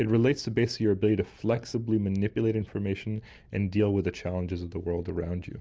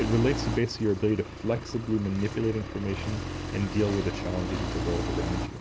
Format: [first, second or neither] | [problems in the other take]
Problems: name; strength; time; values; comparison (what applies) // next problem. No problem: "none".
first | background sound (Accelerating, revving, vroom); 5 dB below the speech